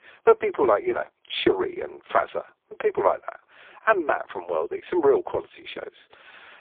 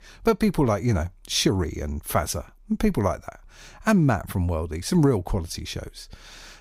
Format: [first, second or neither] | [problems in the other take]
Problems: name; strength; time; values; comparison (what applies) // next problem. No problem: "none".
second | phone-call audio; poor line; nothing above 3.5 kHz